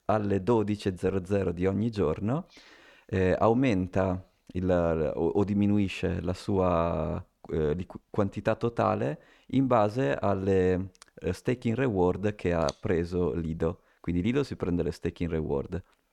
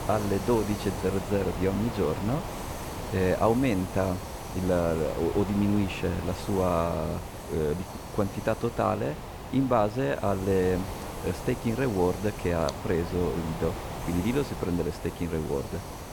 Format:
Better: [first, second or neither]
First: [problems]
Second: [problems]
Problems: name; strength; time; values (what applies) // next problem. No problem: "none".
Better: first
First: none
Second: hiss; loud; throughout; 9 dB below the speech